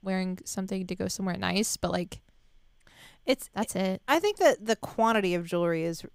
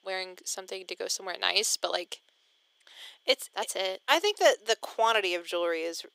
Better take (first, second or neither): first